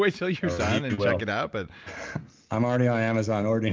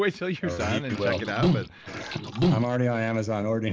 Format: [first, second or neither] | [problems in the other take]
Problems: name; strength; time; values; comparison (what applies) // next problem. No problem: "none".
first | background sound (Liquid); 1 dB above the speech